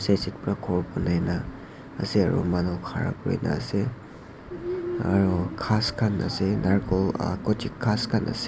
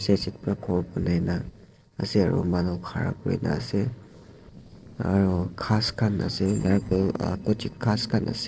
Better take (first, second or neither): first